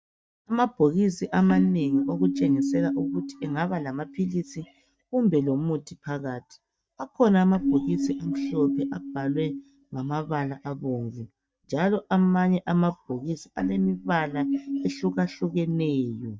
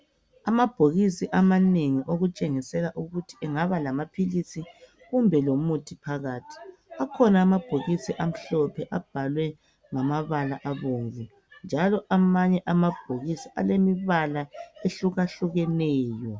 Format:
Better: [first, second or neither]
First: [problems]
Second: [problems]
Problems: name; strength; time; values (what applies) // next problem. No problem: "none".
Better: second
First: noise reduction (neural mask model DeepFilterNet 3)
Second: none